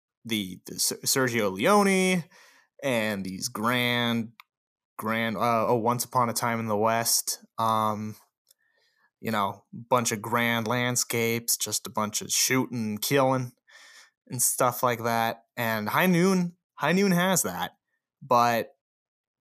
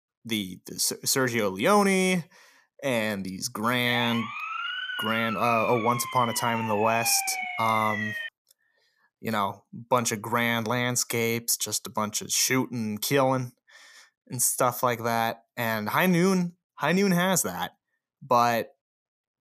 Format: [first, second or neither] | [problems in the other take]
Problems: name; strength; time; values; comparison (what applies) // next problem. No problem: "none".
first | siren; noticeable; from 4 to 8.5 s; peak 4 dB below the speech